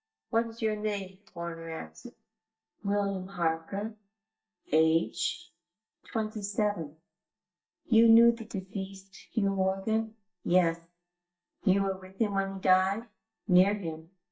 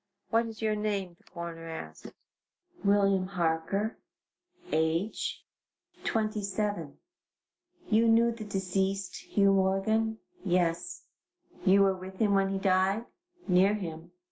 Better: second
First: noise reduction (neural mask model DeepFilterNet 3)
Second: none

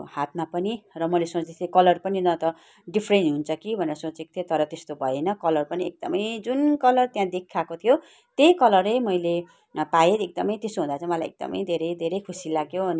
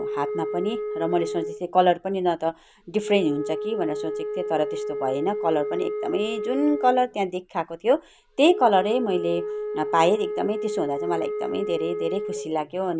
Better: first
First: none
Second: background sound (Wind instrument, woodwind instrument); 6 dB below the speech

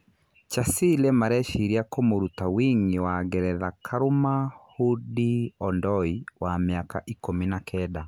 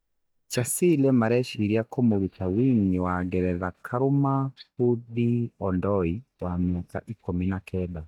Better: first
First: none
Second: noise reduction (neural mask model DeepFilterNet 3)

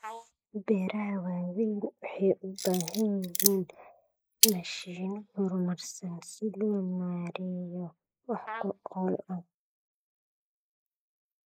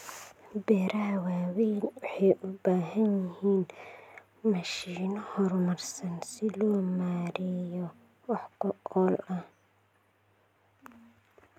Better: second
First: noise reduction (neural mask model Resemble Enhance denoiser)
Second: none

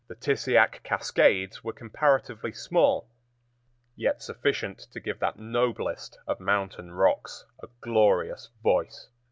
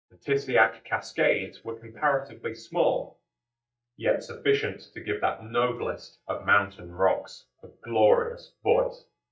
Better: first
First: none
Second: noise reduction (neural mask model DeepFilterNet 3)

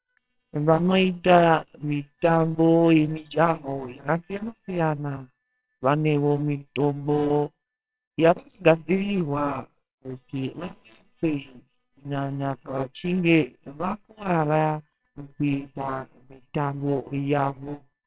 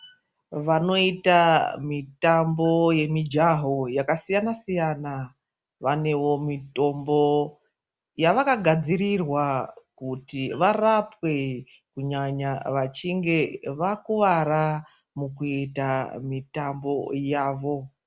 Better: second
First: noise reduction (neural separator model SepFormer WHAMR!)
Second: none

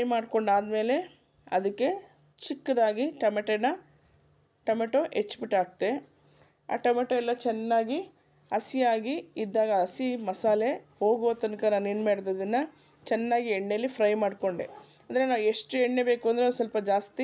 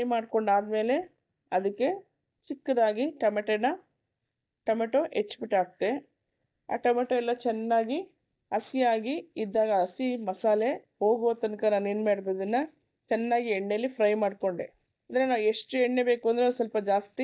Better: first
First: none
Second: noise reduction (neural mask model DeepFilterNet 3)

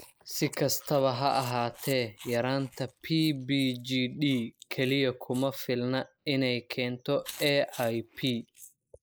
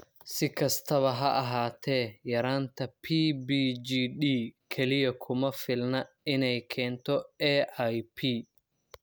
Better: second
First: noise reduction (neural mask model Resemble Enhance denoiser)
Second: none

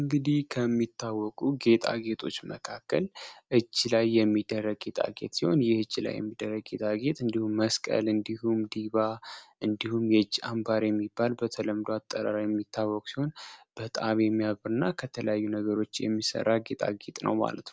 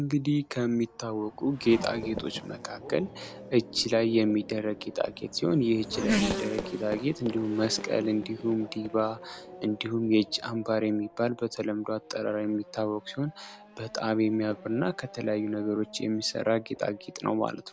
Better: first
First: none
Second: background sound (Race car, auto racing / Accelerating, revving, vroom); 11 dB below the speech

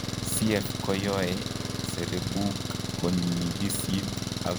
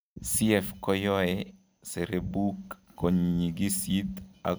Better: second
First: background sound (Engine); 1 dB below the speech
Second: none

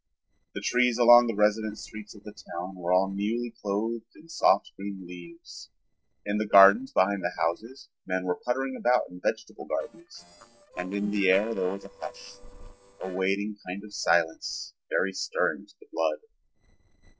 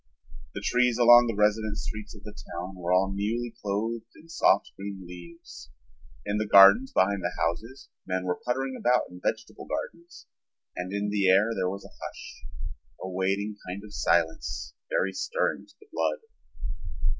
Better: second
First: noise reduction (neural separator model SepFormer DNS4)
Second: none

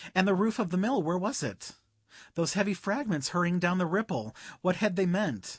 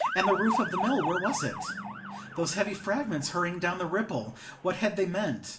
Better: first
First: none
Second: background sound (Motor vehicle (road) / Siren); 6 dB below the speech // room echo; dies away in 0.4 s

